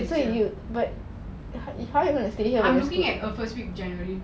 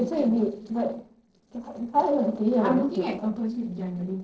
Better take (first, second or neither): first